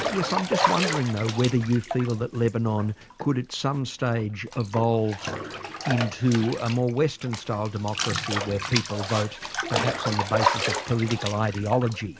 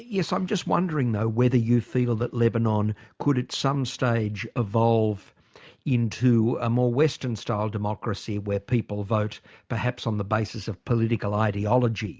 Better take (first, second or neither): second